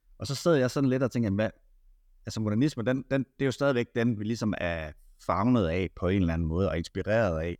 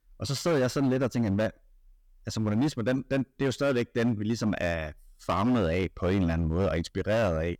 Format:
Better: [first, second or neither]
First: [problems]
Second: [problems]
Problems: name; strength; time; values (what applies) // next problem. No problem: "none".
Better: first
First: none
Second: distortion; slight; 10% of the sound clipped